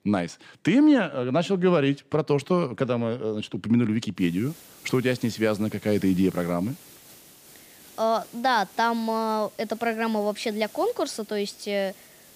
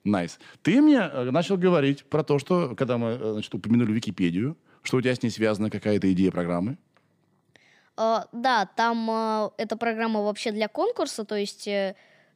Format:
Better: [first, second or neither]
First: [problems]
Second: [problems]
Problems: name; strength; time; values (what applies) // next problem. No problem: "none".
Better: second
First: hiss; faint; from 4 s on; 20 dB below the speech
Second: none